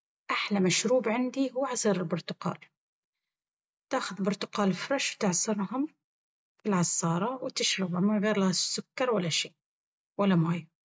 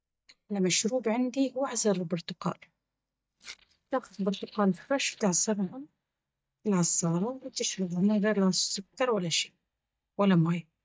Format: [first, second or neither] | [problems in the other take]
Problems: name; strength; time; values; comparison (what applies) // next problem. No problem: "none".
first | noise reduction (neural mask model DeepFilterNet 3)